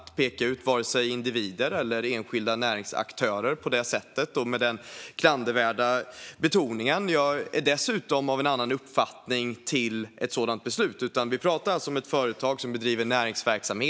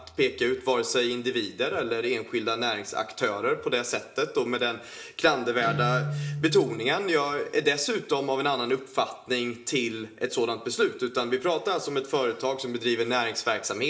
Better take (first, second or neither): first